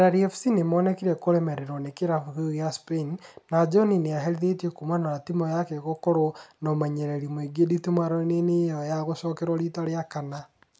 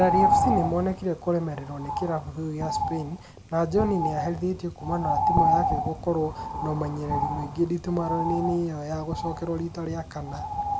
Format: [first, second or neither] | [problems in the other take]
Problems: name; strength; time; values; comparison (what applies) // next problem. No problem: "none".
first | background sound (Bird); as loud as the speech